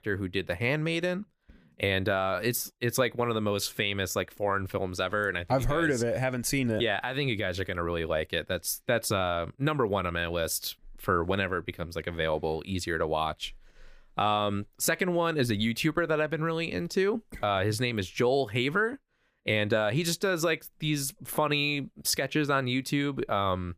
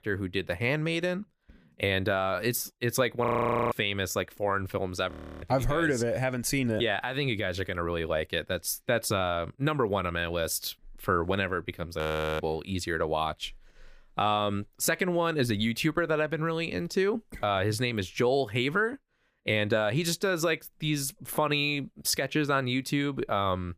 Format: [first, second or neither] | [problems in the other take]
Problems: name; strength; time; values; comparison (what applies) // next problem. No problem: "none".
first | audio freezing; at 3.5 s, at 5 s and at 12 s